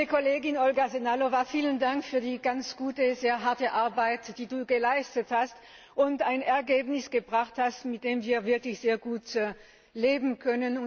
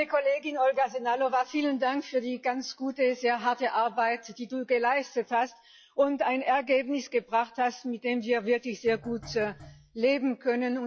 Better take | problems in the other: first | noise reduction (classical method log-MMSE)

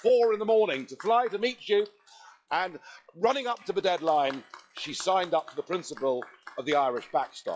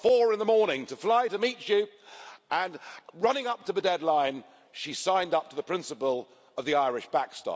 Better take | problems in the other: second | noise reduction (classical method log-MMSE)

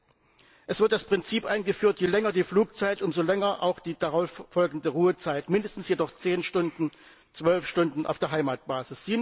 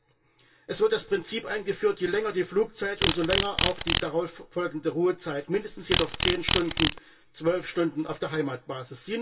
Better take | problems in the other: first | background sound (Insect); 1 dB below the speech // room echo; dies away in 0.1 s

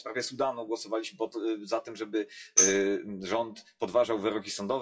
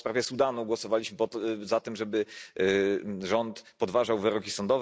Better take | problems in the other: second | noise reduction (classical method WPE with log-MMSE)

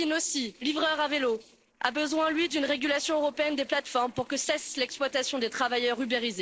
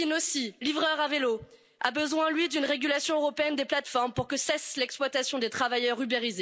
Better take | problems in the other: second | noise reduction (neural separator model SepFormer DNS4)

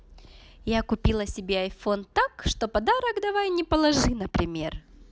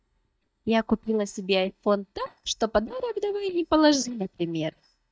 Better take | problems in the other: first | noise reduction (neural mask model DeepFilterNet 3)

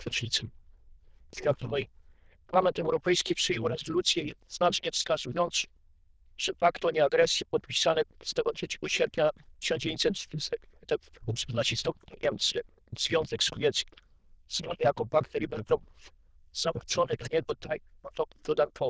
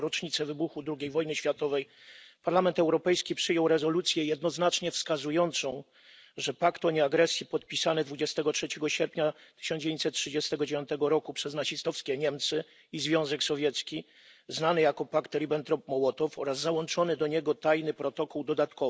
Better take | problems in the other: second | noise reduction (neural diffusion model UNIVERSE++)

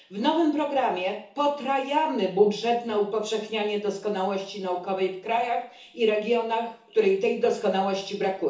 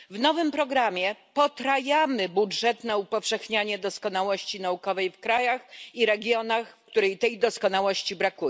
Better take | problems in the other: second | room echo; dies away in 0.8 s

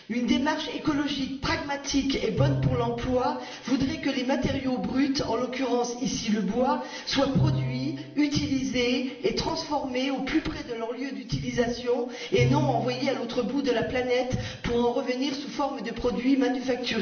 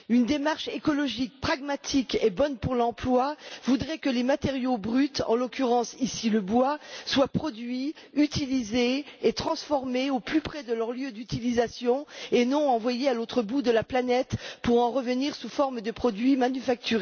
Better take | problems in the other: second | background sound (Bowed string instrument); 10 dB below the speech // room echo; dies away in 0.8 s

